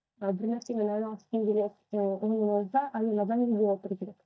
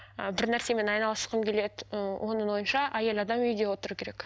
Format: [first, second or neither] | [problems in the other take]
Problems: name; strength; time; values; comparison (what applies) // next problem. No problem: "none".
second | noise reduction (neural mask model DeepFilterNet 3)